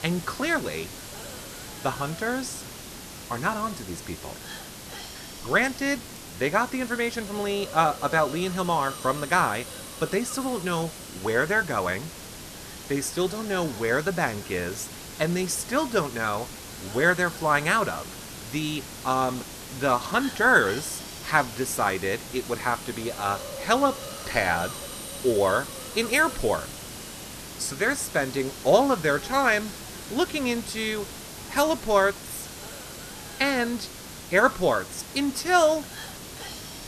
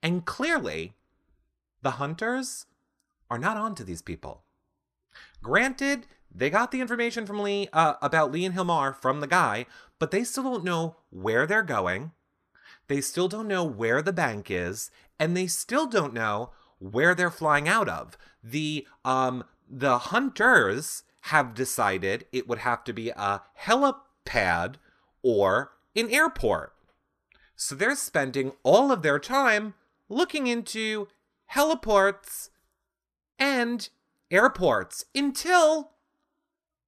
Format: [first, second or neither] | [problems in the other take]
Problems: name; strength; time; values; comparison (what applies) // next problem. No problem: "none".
second | hiss; noticeable; throughout; 10 dB below the speech